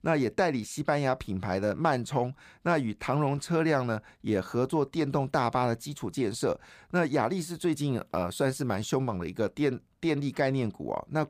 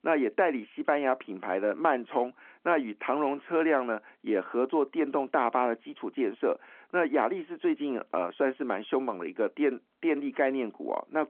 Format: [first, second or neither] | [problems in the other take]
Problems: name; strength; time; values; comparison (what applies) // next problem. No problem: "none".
first | phone-call audio